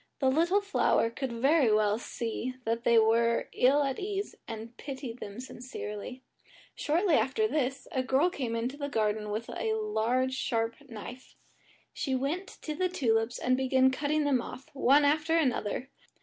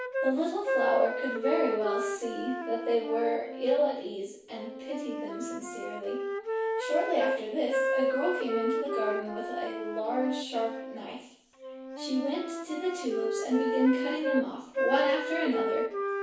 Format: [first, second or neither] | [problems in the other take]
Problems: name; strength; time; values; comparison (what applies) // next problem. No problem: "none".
first | background sound (Wind instrument, woodwind instrument); 1 dB below the speech // room echo; dies away in 0.7 s